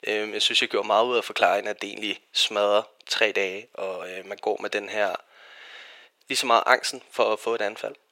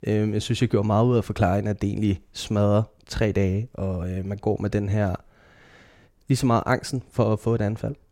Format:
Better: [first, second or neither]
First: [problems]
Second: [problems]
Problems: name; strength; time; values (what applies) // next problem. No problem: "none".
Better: second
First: thin; very; fading below 500 Hz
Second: none